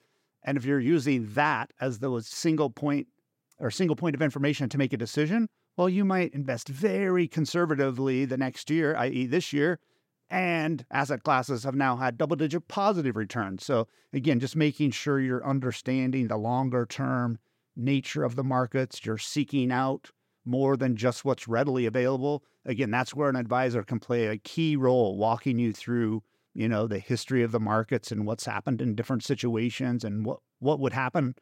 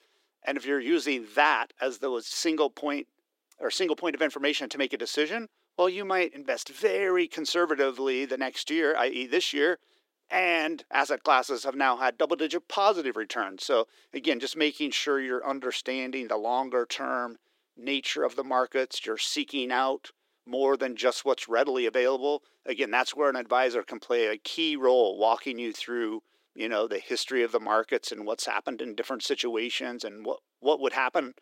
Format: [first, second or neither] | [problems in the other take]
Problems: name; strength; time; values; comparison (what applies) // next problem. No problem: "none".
first | thin; somewhat; fading below 350 Hz